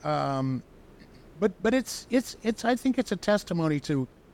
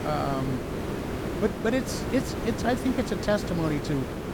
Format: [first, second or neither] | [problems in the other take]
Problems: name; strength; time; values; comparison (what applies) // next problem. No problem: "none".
first | hiss; loud; throughout; 3 dB below the speech; faint in the first